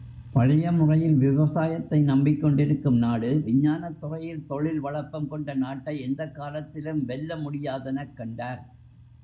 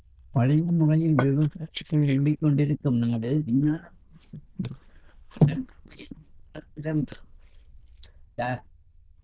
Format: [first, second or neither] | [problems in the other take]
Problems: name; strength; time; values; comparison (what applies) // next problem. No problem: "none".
first | noise reduction (neural diffusion model UNIVERSE++)